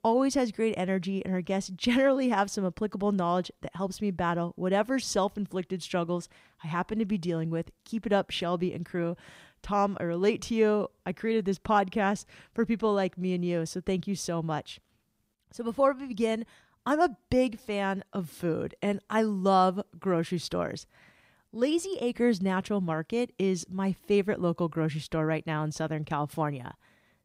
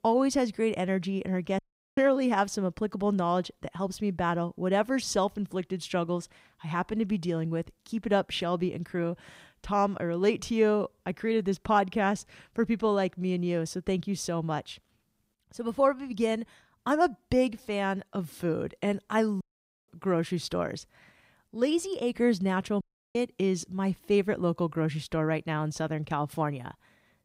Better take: first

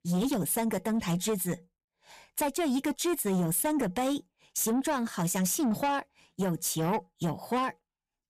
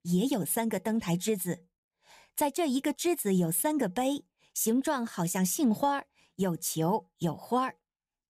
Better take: second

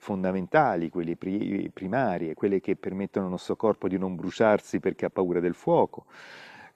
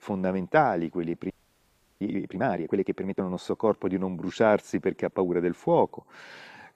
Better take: first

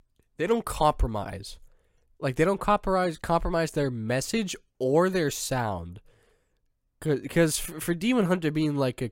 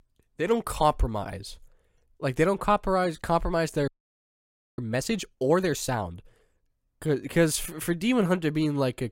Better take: first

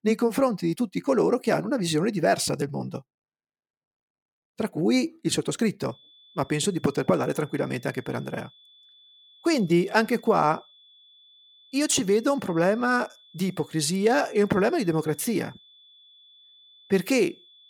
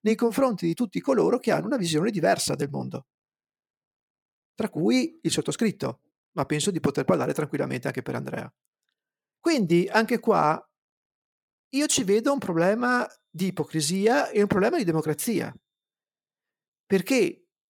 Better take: second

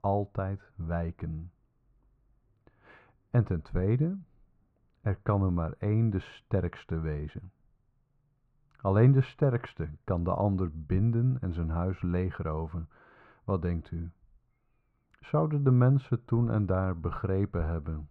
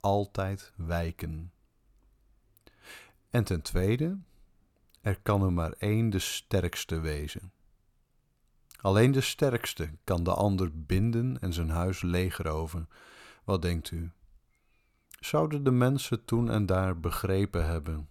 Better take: second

